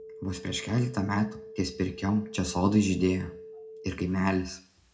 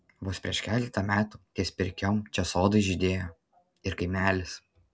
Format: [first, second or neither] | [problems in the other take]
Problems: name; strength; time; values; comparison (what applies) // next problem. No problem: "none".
second | background sound (Telephone); 17 dB below the speech // room echo; dies away in 0.3 s